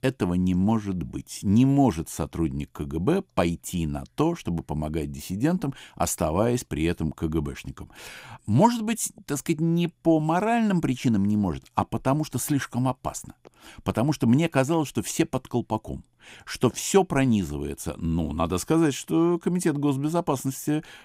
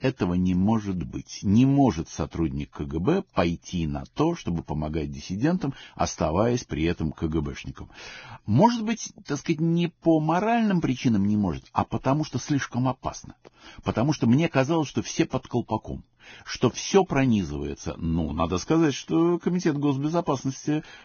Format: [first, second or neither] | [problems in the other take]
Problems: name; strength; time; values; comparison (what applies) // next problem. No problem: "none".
first | garbled, watery; badly; nothing above 6.5 kHz